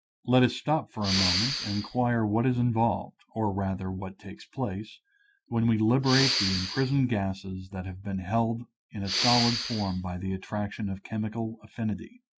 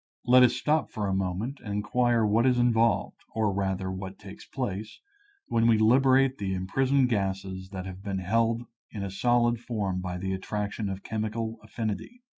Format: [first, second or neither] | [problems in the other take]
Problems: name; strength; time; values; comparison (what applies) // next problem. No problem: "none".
second | background sound (Respiratory sounds); 2 dB below the speech